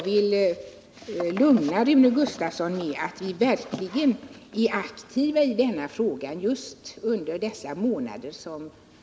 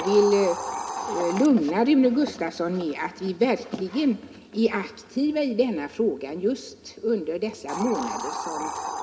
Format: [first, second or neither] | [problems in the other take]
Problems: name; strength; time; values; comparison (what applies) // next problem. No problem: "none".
first | background sound (Hiss); 11 dB below the speech // room echo; dies away in 0.3 s